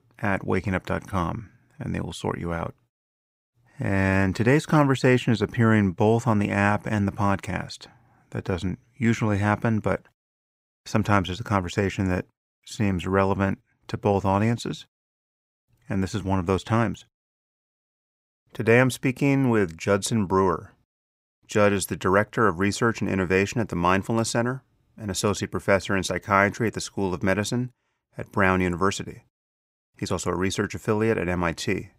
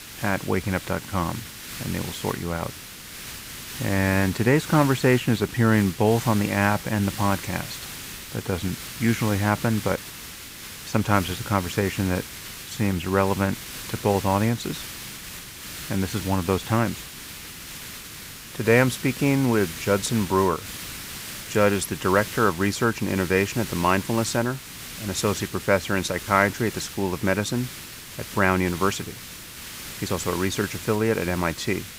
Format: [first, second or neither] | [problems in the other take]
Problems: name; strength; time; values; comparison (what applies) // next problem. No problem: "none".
first | hiss; noticeable; throughout; 10 dB below the speech